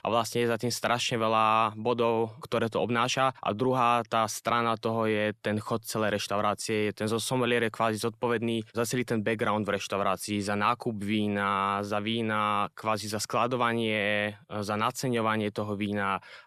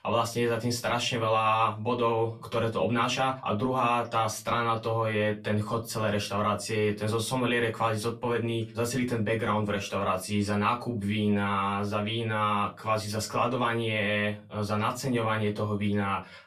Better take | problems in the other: first | off-mic speech; far // room echo; very slight; dies away in 0.2 s

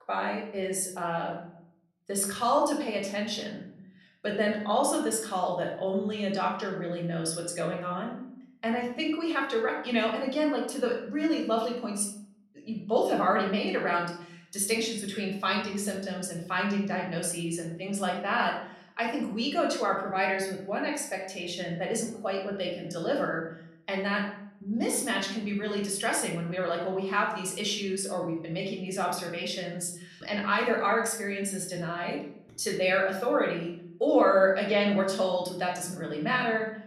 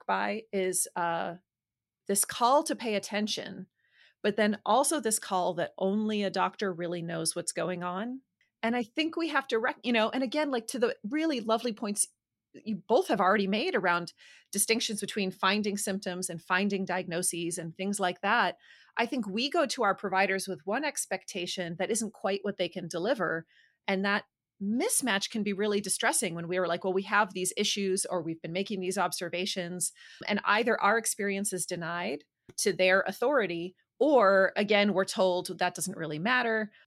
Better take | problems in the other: second | off-mic speech; somewhat distant // room echo; noticeable; dies away in 0.6 s

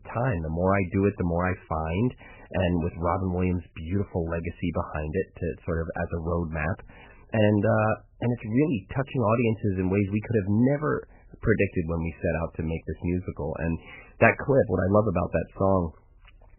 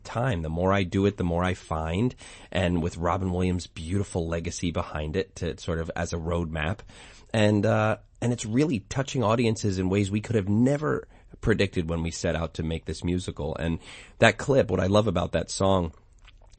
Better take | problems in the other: second | garbled, watery; badly; nothing above 3 kHz; slightly in the second

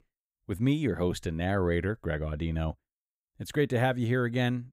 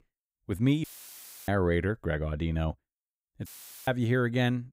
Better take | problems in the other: first | audio cutting out; filled with static; at 1 s for 0.5 s and at 3.5 s

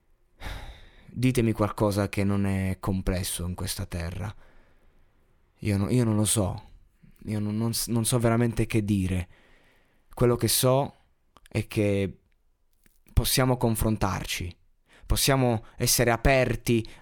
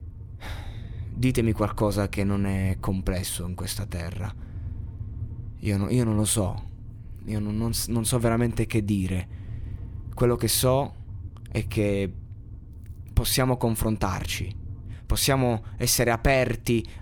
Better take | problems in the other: first | low rumble; faint; throughout; 25 dB below the speech

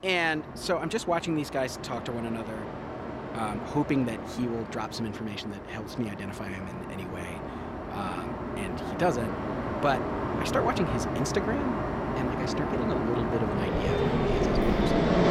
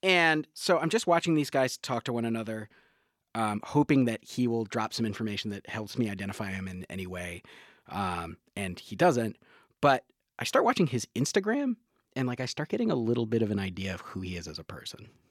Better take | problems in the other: second | train or aircraft noise; very loud; throughout; as loud as the speech

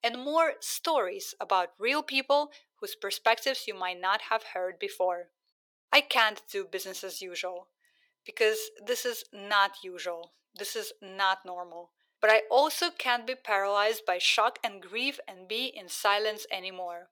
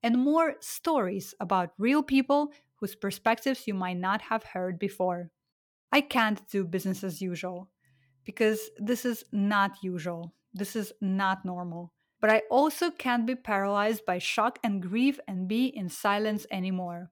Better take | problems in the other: second | thin; very; fading below 450 Hz

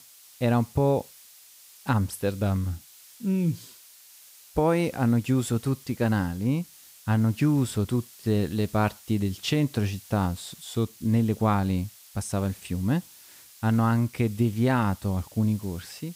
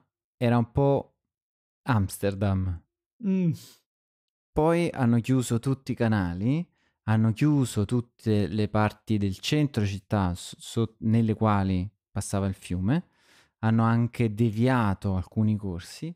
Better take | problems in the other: second | hiss; faint; throughout; 20 dB below the speech

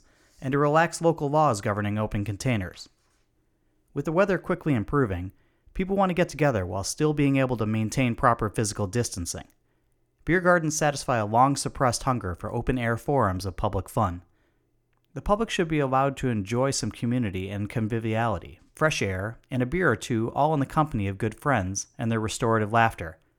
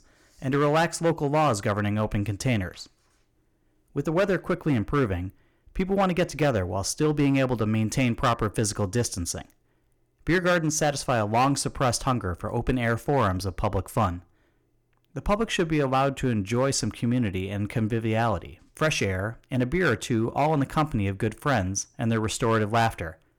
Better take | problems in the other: first | distortion; slight; 4% of the sound clipped

